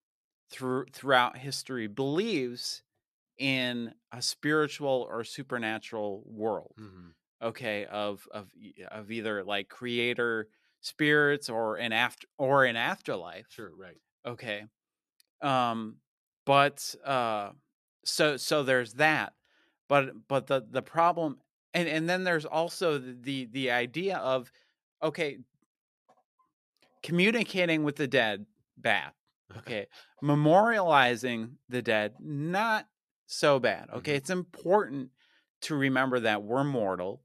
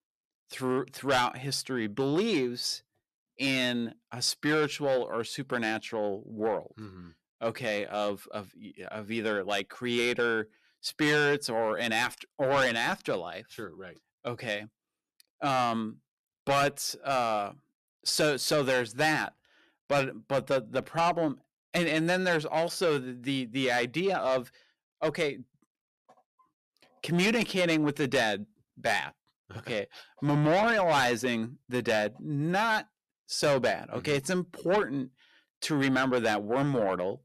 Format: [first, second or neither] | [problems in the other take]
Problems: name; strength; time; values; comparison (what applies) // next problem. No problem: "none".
first | distortion; heavy; 7 dB below the speech